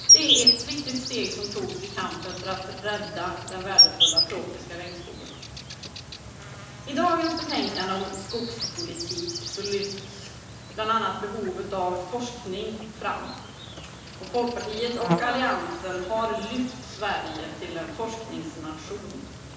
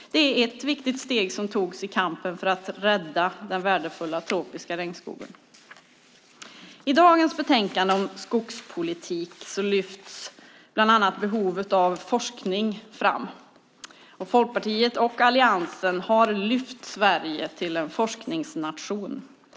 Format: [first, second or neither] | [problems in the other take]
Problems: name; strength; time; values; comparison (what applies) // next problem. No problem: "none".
second | background sound (Insect); 2 dB above the speech // room echo; dies away in 0.9 s